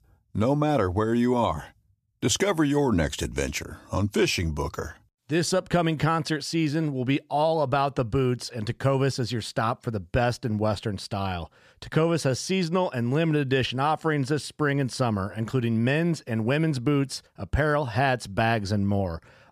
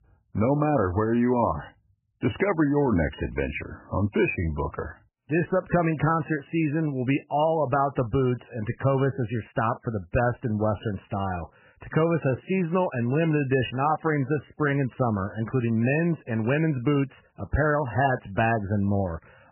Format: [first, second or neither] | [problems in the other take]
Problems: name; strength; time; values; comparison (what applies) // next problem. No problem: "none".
first | garbled, watery; badly; nothing above 3 kHz